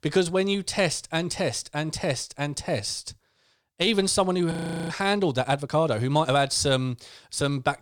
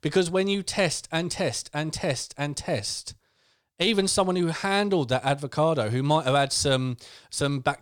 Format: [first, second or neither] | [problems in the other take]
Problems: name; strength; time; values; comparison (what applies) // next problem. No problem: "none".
second | audio freezing; at 4.5 s